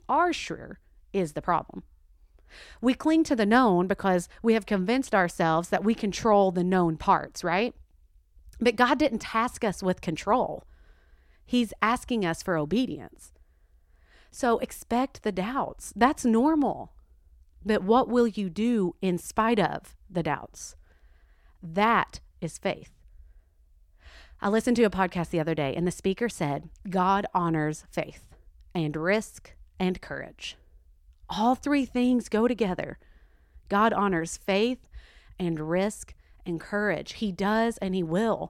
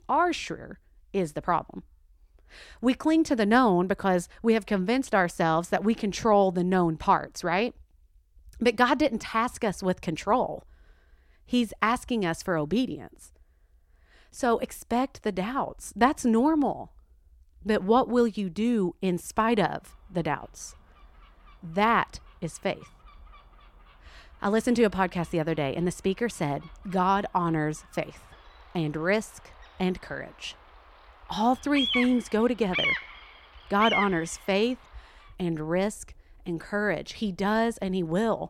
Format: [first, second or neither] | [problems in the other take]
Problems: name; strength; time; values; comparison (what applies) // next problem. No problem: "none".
first | animal sounds; loud; from 20 s on; 2 dB below the speech